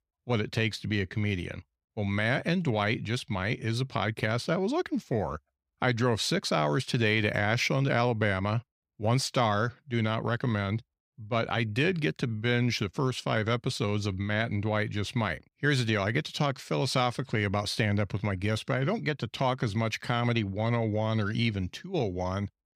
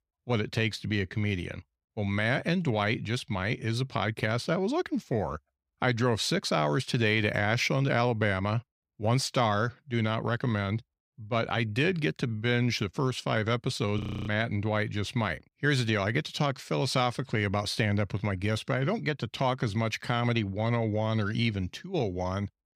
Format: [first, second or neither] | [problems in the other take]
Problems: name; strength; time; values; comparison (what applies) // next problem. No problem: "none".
first | audio freezing; at 14 s